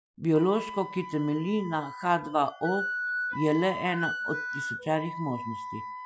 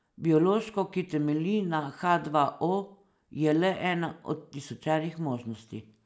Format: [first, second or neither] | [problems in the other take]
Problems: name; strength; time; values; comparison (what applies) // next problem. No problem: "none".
second | noise reduction (classical method Wiener filter)